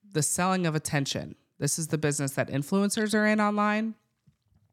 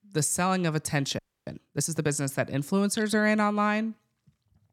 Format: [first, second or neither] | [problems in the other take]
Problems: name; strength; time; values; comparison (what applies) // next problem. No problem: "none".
first | audio freezing; at 1 s